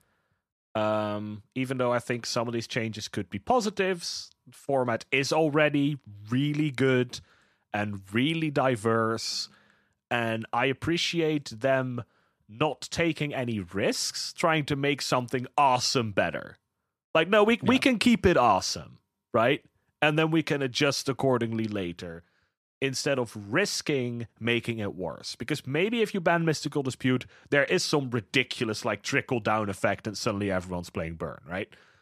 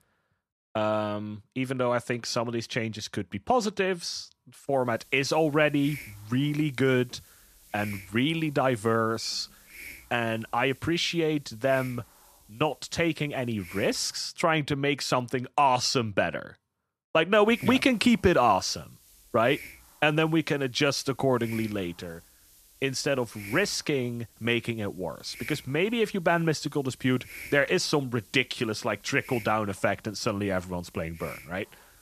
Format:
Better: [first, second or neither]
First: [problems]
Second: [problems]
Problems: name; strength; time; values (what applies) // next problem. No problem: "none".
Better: first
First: none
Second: hiss; faint; from 5 to 14 s and from 17 s on; 20 dB below the speech